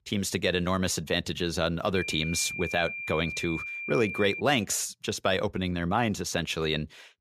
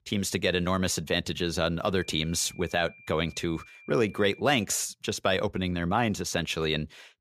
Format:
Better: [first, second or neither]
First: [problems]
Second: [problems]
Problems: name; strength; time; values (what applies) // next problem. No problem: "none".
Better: second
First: high-pitched whine; loud; from 2 to 4.5 s; 2.5 kHz, 6 dB below the speech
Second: high-pitched whine; faint; from 2 to 4.5 s; 2.5 kHz, 25 dB below the speech